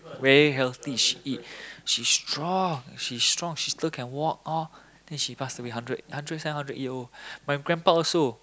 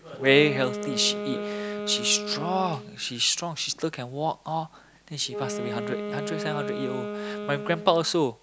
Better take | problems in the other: first | background sound (Wind instrument, woodwind instrument); 7 dB below the speech

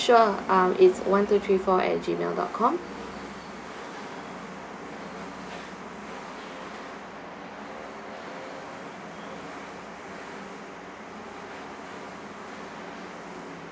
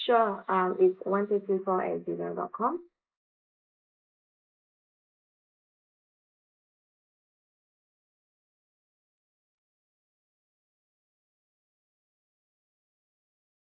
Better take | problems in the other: first | noise reduction (neural mask model Resemble Enhance denoiser)

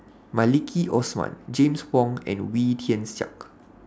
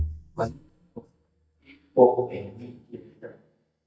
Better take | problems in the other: first | noise reduction (neural mask model DeepFilterNet 3)

